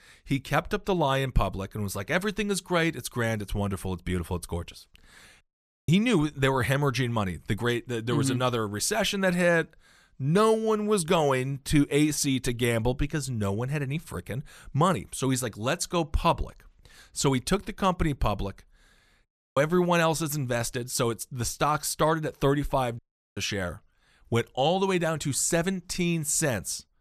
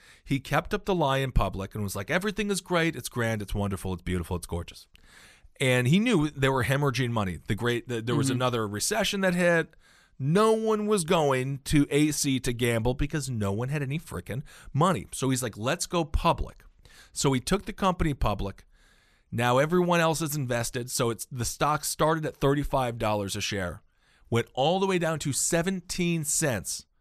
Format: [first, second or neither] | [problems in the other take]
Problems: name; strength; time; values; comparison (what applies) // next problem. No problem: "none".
second | audio cutting out; at 5.5 s, at 19 s and at 23 s